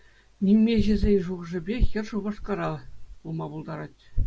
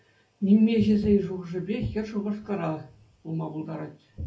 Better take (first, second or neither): first